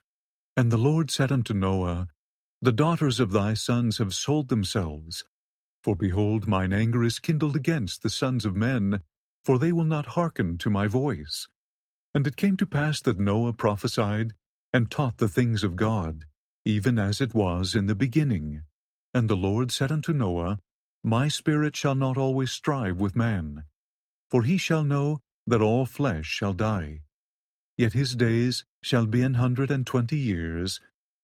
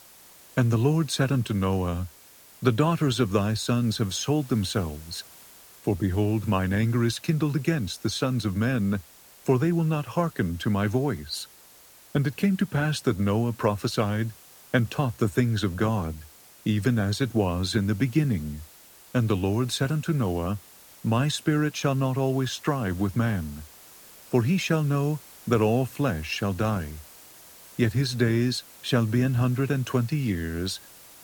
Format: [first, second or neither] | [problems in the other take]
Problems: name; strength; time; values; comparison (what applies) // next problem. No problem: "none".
first | hiss; faint; throughout; 20 dB below the speech